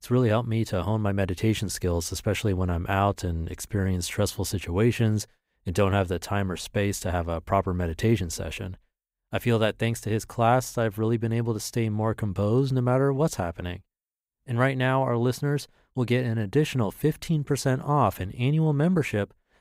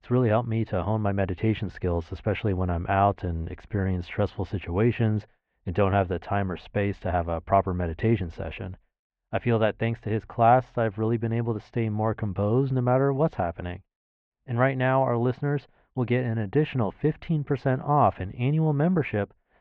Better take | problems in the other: first | muffled; very; fading above 2.5 kHz

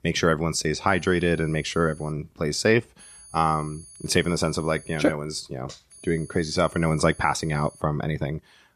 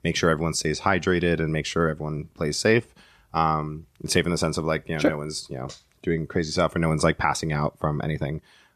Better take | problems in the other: second | high-pitched whine; faint; from 1 to 2 s, from 3 to 5 s and from 6 to 8 s; 10 kHz, 20 dB below the speech

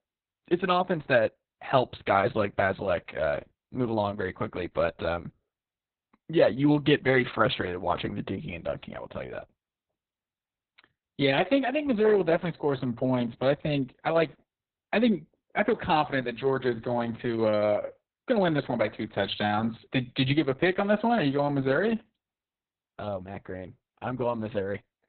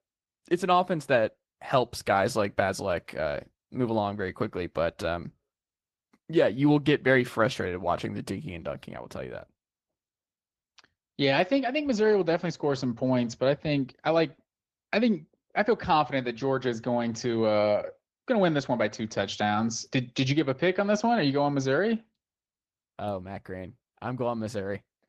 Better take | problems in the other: second | garbled, watery; badly; nothing above 4 kHz; slightly in the second

